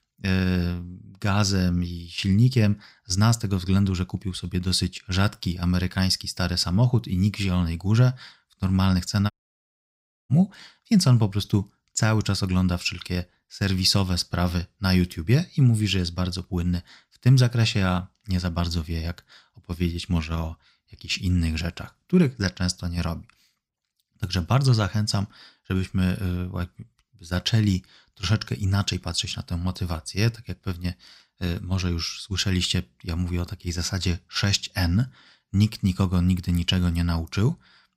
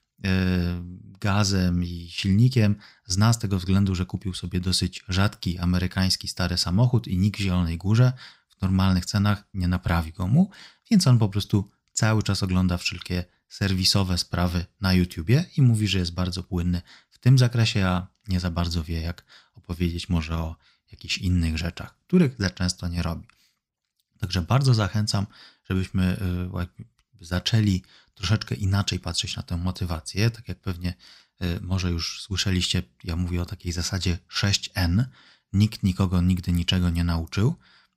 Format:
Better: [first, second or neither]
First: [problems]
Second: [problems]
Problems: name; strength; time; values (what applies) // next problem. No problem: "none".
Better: second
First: audio cutting out; at 9.5 s for 1 s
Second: none